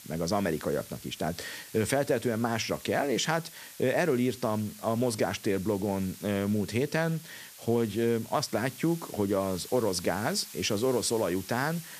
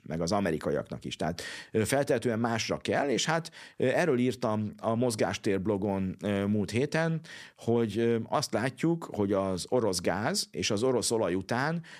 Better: second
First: hiss; noticeable; throughout; 15 dB below the speech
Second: none

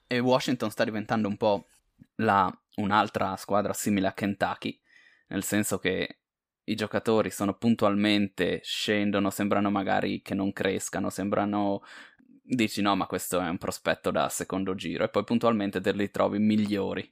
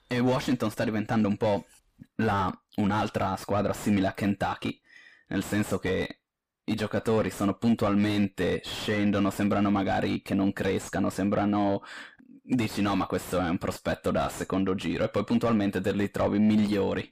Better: first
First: none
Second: distortion; heavy; 6 dB below the speech

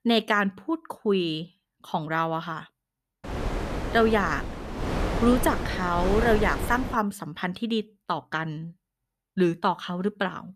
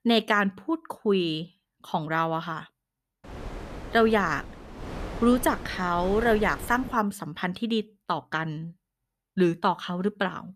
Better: second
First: wind noise on the microphone; heavy; from 3 to 7 s; 7 dB below the speech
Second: wind noise on the microphone; occasional gusts; from 3 to 7 s; 15 dB below the speech

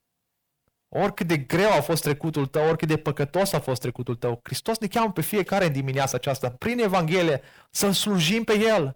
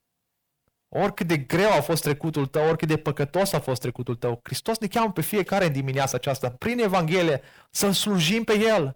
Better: neither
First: distortion; heavy; 7 dB below the speech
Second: distortion; heavy; 7 dB below the speech

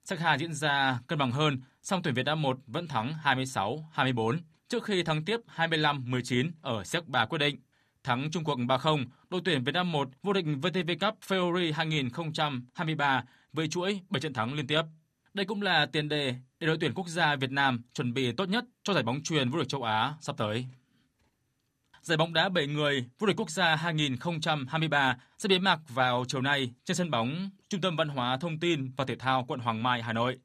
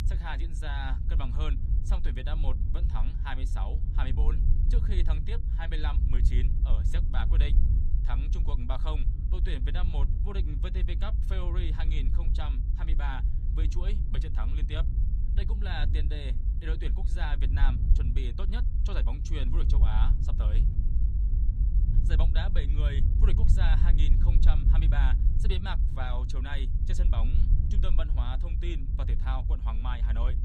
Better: first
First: none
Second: low rumble; loud; throughout; 6 dB below the speech

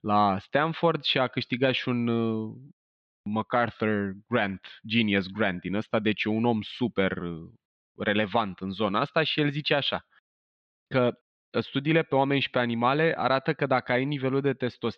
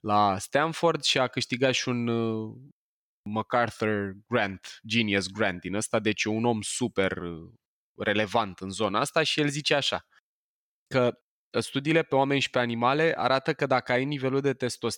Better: second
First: muffled; slightly; fading above 3.5 kHz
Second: none

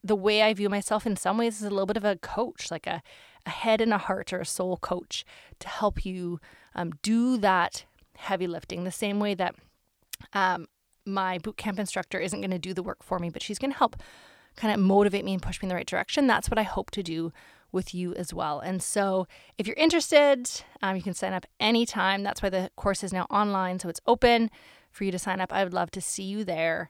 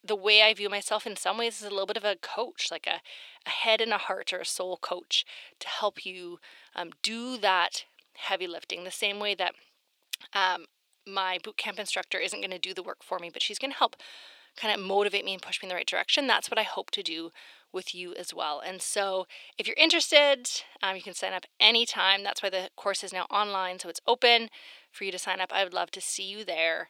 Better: first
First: none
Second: thin; somewhat; fading below 350 Hz

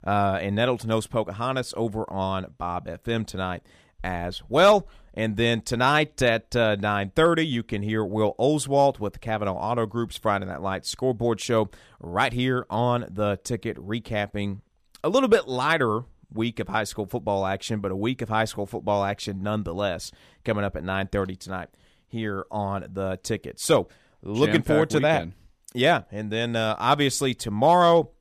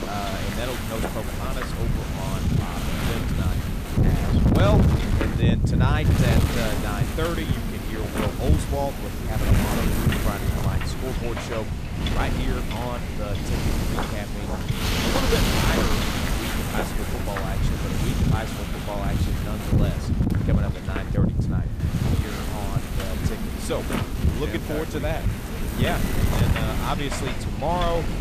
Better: first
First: none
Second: wind noise on the microphone; heavy; 2 dB above the speech

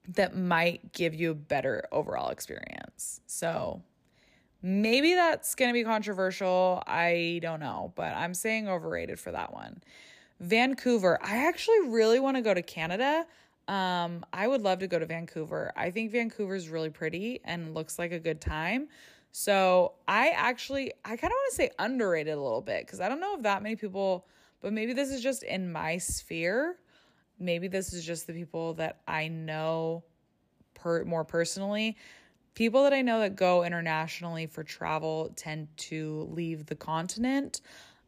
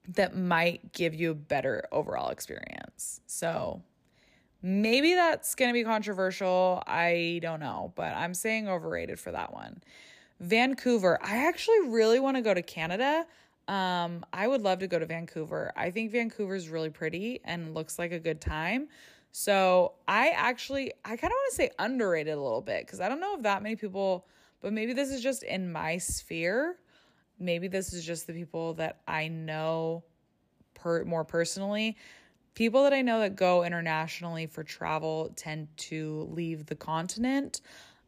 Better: neither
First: none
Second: none

